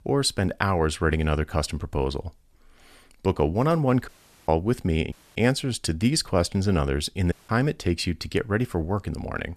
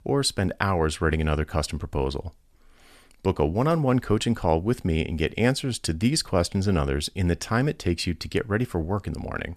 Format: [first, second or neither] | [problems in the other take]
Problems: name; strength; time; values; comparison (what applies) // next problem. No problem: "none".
second | audio cutting out; at 4 s, at 5 s and at 7.5 s